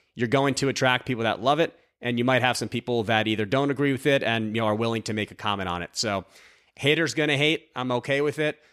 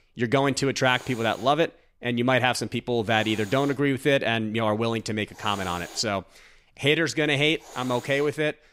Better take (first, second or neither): first